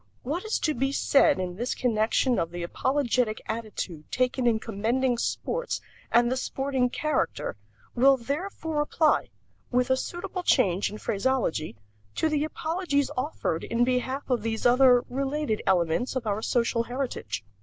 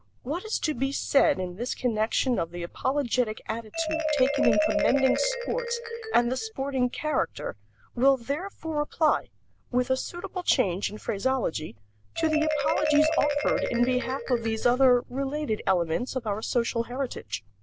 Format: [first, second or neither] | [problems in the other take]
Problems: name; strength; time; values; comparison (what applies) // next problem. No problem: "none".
first | background sound (Marimba, xylophone); 6 dB below the speech